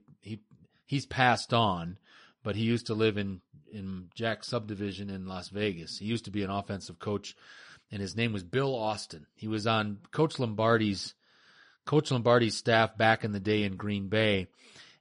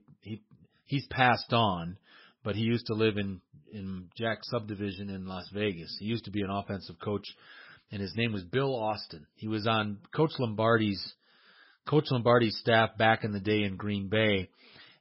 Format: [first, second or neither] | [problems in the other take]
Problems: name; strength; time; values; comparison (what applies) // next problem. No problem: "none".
first | garbled, watery; badly; nothing above 5.5 kHz; slightly in the first